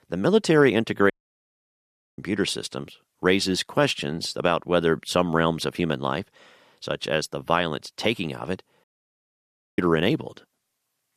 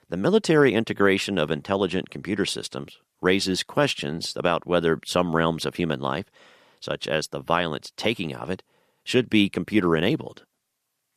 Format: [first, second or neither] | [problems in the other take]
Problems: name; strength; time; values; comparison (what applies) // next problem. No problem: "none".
second | audio cutting out; at 1 s for 1 s and at 9 s for 1 s